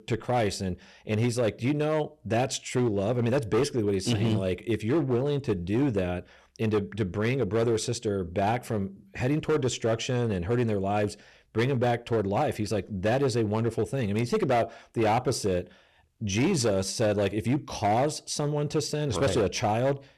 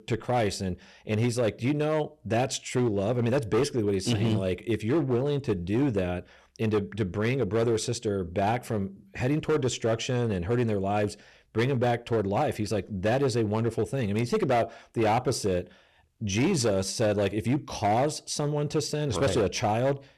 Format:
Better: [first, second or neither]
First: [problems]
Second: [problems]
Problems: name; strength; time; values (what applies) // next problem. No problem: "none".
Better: neither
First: distortion; slight; 8% of the sound clipped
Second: distortion; slight; 8% of the sound clipped